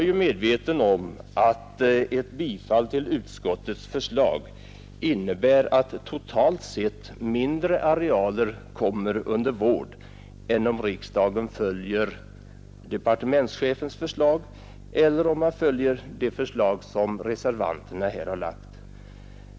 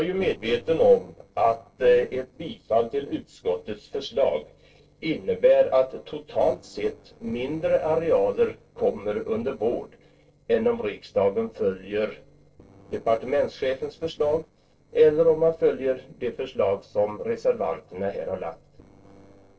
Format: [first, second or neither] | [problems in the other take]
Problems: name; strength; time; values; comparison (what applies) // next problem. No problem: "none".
first | noise reduction (neural separator model SepFormer DNS4)